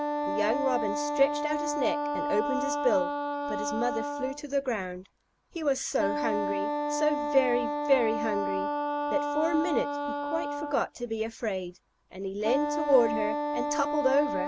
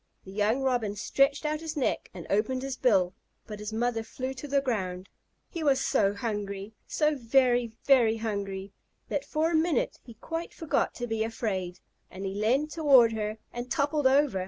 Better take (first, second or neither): second